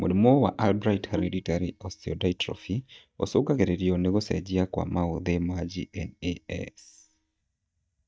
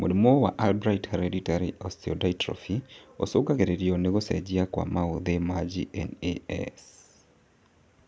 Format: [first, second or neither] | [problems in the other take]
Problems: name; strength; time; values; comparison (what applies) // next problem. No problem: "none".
second | noise reduction (neural mask model DeepFilterNet 3)